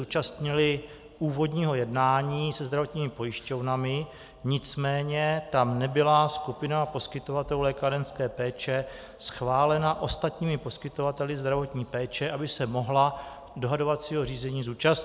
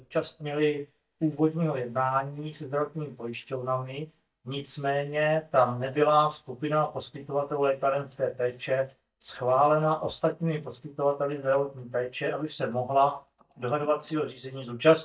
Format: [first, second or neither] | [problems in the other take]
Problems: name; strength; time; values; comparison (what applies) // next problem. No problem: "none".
first | noise reduction (neural mask model DeepFilterNet 3)